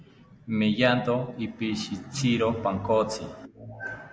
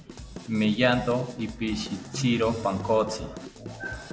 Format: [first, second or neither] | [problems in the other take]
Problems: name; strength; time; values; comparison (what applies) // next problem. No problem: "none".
first | background sound (Drum / Drum kit); 15 dB below the speech